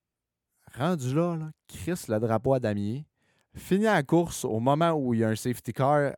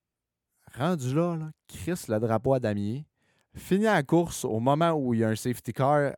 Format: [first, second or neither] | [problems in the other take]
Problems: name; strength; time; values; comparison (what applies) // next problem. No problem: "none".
neither | none